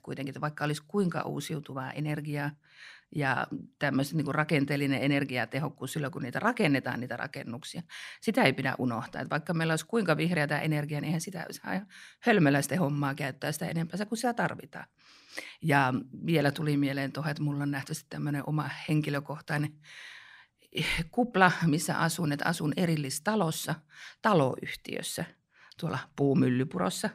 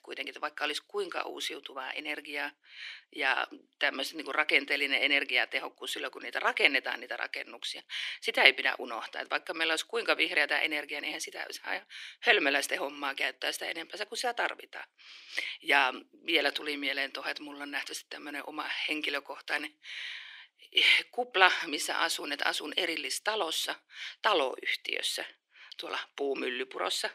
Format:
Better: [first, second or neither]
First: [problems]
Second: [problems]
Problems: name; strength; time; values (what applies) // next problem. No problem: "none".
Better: first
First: none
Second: thin; very; fading below 350 Hz